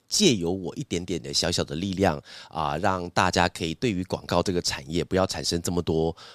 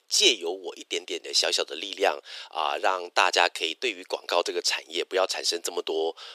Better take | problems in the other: first | thin; very; fading below 350 Hz

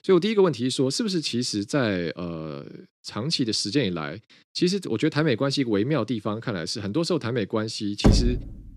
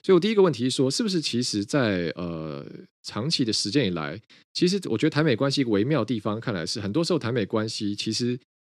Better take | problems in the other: second | door banging; loud; at 8 s; peak 4 dB above the speech

